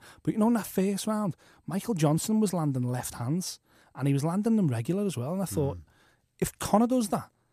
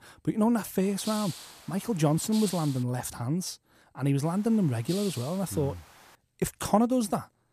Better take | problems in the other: first | hiss; noticeable; from 1 to 3 s and from 4 to 6 s; 15 dB below the speech

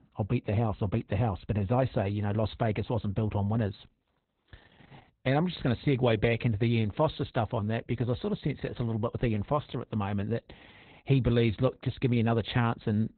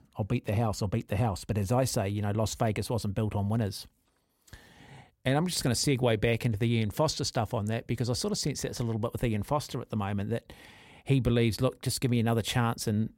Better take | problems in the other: second | garbled, watery; badly; nothing above 4 kHz

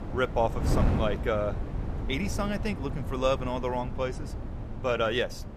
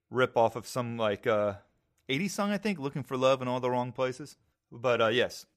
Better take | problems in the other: second | wind noise on the microphone; occasional gusts; 10 dB below the speech

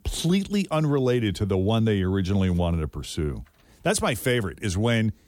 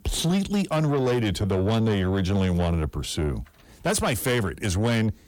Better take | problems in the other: first | distortion; slight; 10 dB below the speech

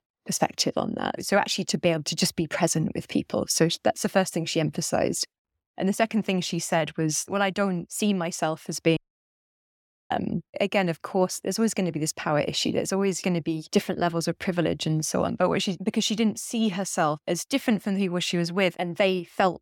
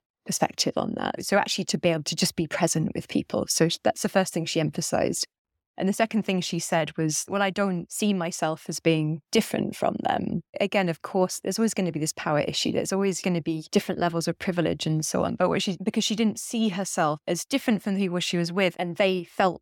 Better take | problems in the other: second | audio cutting out; at 9 s for 1 s

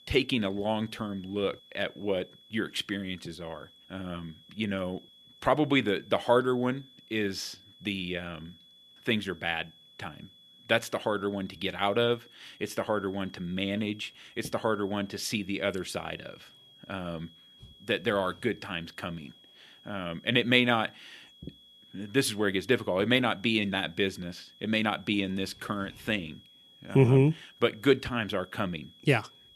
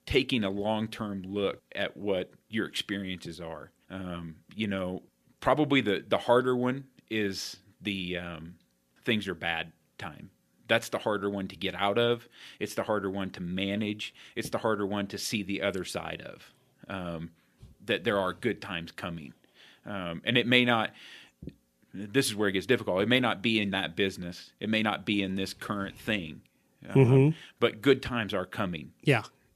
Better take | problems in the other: second | high-pitched whine; faint; throughout; 3.5 kHz, 25 dB below the speech

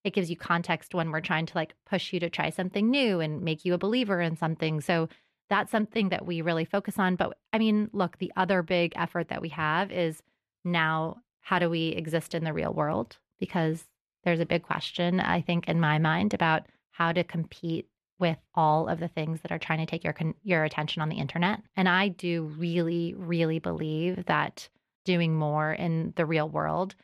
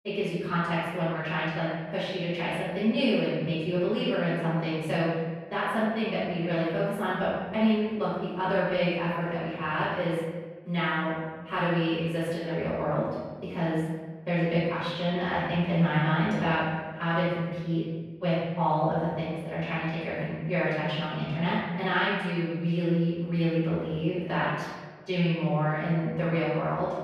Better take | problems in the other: first | off-mic speech; far // room echo; strong; dies away in 1.3 s

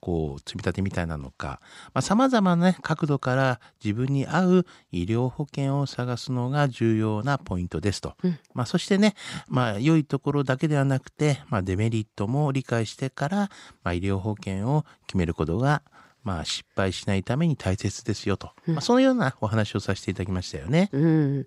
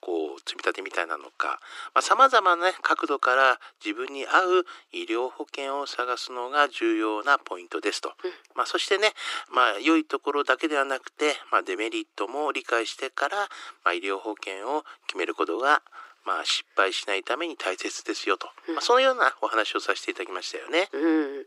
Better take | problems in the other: first | thin; very; fading below 300 Hz

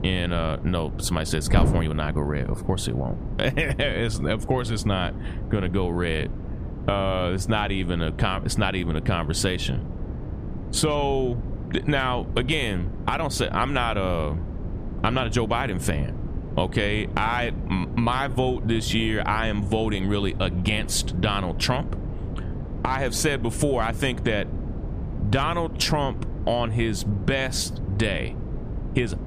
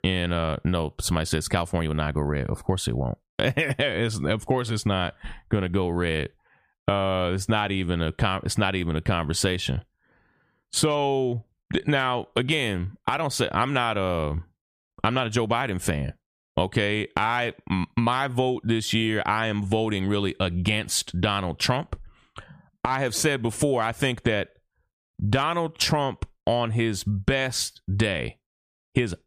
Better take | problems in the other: second | wind noise on the microphone; occasional gusts; 15 dB below the speech

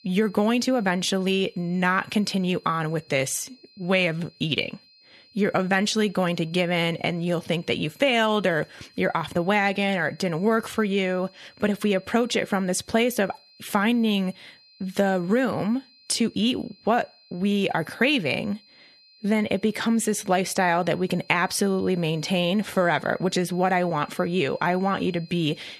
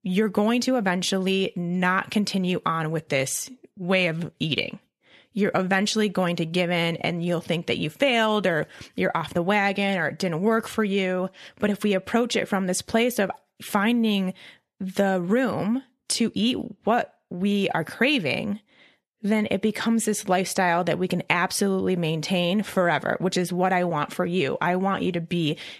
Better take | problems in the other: second | high-pitched whine; faint; throughout; 4 kHz, 30 dB below the speech

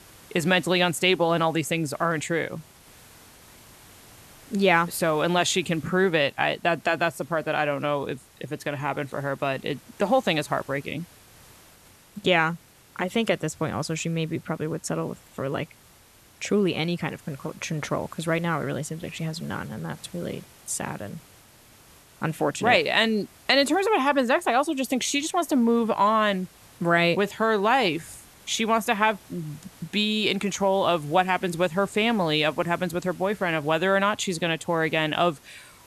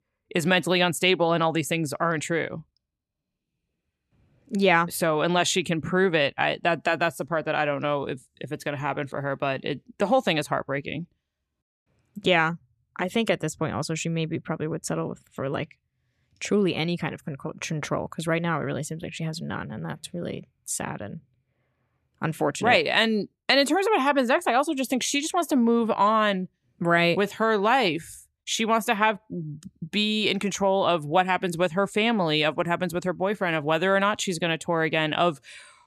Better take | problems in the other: second | hiss; faint; throughout; 25 dB below the speech

